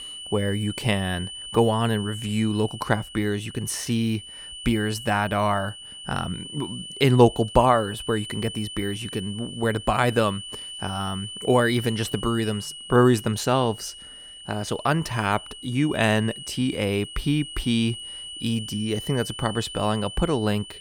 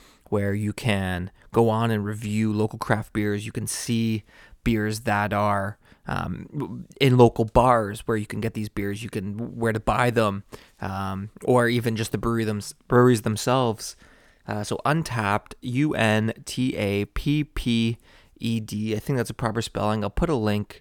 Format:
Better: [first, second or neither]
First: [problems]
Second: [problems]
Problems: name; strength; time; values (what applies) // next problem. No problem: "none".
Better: second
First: high-pitched whine; noticeable; throughout; 3 kHz, 10 dB below the speech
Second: none